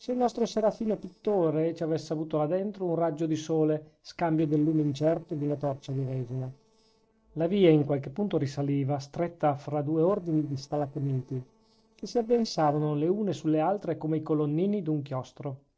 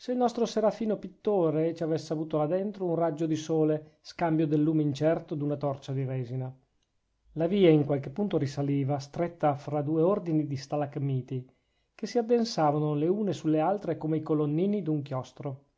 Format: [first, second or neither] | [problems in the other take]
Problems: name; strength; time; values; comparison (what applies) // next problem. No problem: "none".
second | noise reduction (neural separator model SepFormer DNS4)